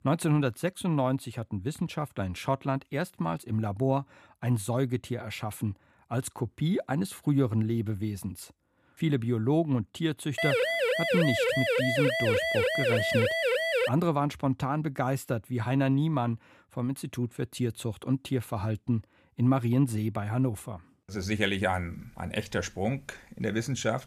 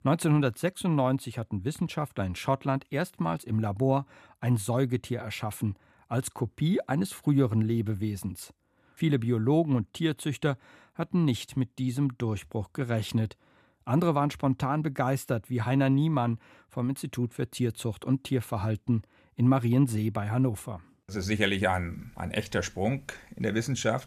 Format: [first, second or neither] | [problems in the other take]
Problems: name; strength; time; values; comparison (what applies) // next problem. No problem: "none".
second | siren; loud; from 10 to 14 s; peak 4 dB above the speech